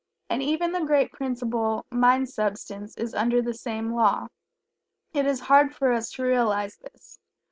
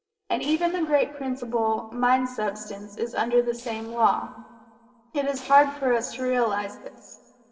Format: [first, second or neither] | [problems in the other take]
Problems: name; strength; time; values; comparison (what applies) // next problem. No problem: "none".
first | noise reduction (neural separator model SepFormer DNS4)